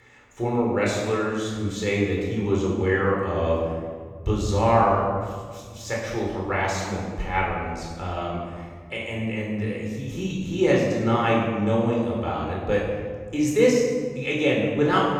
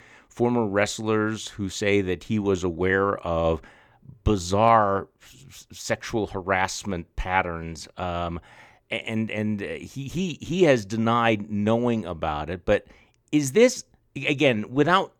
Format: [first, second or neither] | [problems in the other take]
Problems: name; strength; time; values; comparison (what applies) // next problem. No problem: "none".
second | room echo; noticeable; dies away in 1.5 s // off-mic speech; far